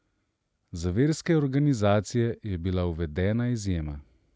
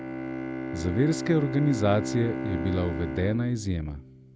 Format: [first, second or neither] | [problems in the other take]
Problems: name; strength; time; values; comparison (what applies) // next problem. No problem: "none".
first | background sound (Bowed string instrument); 6 dB below the speech